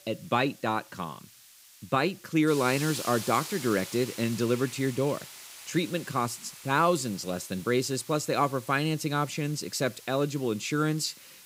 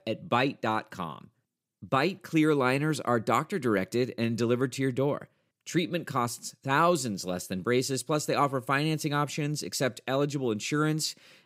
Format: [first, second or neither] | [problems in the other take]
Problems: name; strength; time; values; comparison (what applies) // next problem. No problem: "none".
second | hiss; noticeable; throughout; 15 dB below the speech